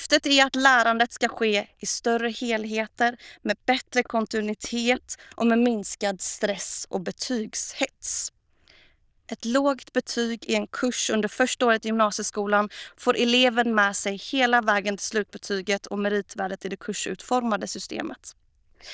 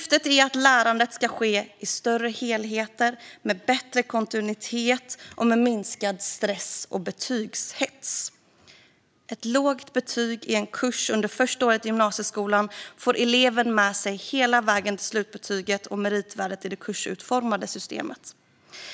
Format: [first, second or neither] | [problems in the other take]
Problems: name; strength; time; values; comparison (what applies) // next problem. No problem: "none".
second | noise reduction (neural diffusion model UNIVERSE++)